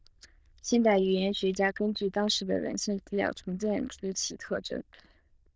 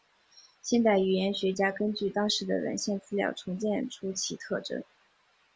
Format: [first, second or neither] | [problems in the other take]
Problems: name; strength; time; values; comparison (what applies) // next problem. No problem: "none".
second | noise reduction (neural diffusion model UNIVERSE++)